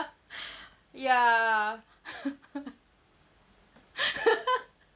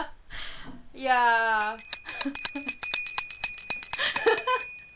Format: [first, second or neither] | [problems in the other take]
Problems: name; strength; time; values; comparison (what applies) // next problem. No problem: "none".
first | background sound (Bell); 8 dB below the speech